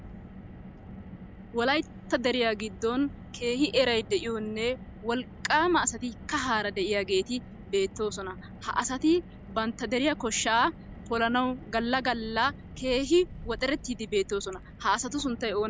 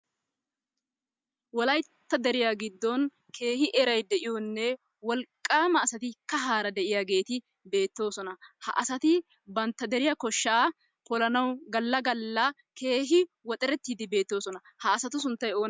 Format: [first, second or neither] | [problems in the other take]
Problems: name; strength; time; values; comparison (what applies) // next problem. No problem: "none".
second | background sound (Car); 15 dB below the speech